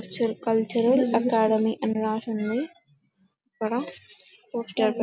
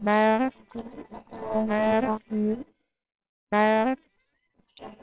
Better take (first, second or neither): first